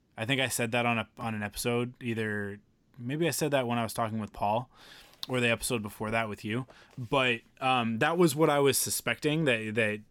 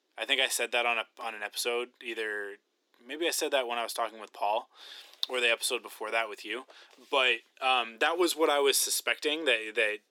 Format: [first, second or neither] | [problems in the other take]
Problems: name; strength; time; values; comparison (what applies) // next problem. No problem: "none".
first | thin; very; fading below 350 Hz